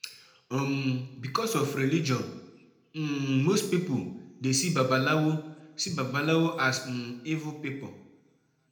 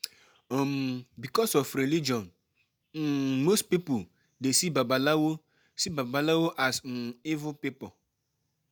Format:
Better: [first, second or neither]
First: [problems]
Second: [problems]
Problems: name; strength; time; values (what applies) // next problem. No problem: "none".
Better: second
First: room echo; dies away in 0.7 s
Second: none